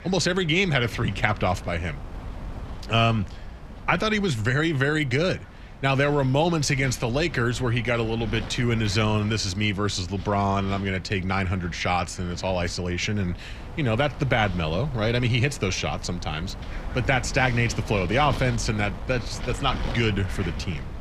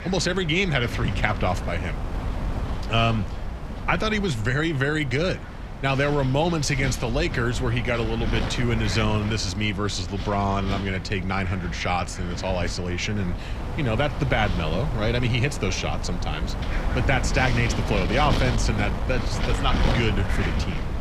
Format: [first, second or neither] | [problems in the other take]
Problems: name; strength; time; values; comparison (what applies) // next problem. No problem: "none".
first | wind noise on the microphone; heavy; 8 dB below the speech; occasional gusts in the first